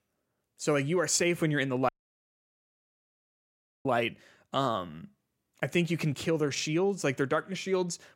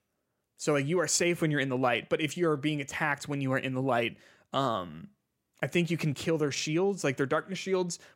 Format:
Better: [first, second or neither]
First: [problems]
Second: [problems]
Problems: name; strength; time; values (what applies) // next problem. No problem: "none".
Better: second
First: audio cutting out; at 2 s for 2 s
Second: none